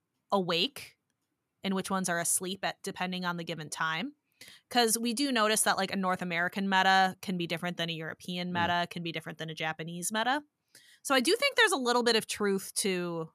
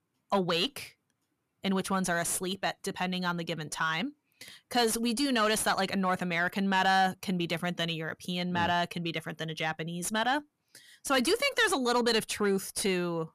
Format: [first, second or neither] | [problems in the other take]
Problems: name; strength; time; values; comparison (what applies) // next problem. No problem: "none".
first | distortion; slight; 10 dB below the speech